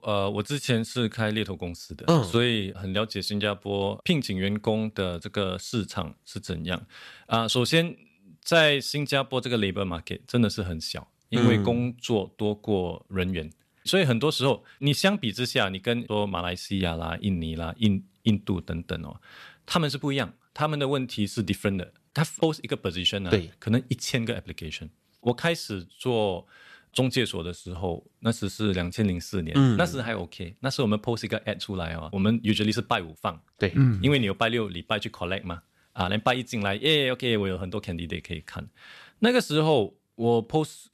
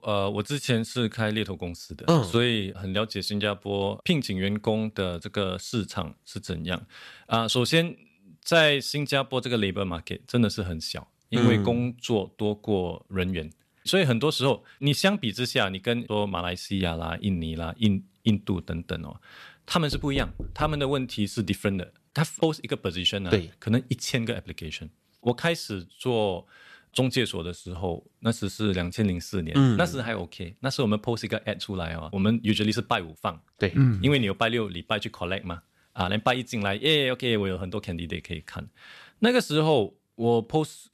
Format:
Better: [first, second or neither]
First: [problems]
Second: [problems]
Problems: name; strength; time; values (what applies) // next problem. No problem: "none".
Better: first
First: none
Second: door banging; noticeable; at 20 s; peak 9 dB below the speech